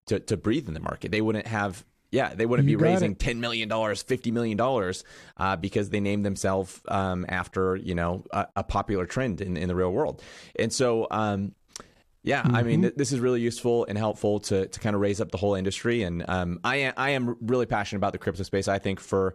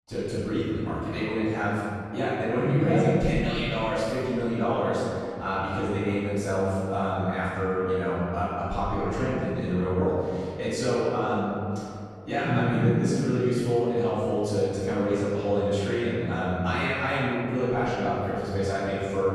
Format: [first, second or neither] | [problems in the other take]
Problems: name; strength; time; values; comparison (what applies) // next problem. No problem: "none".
first | off-mic speech; far // room echo; strong; dies away in 2.3 s